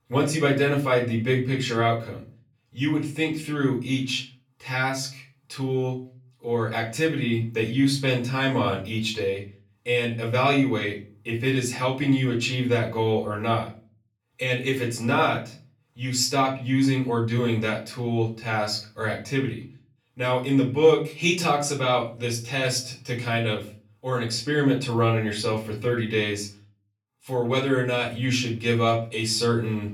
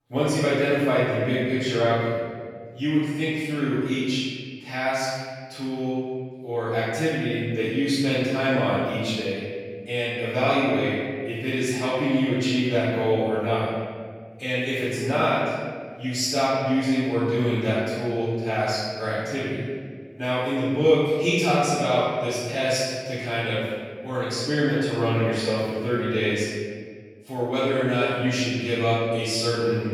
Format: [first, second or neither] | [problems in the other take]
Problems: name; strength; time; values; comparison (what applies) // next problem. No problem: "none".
first | room echo; strong; dies away in 1.7 s; slight in the first // off-mic speech; far; far in the first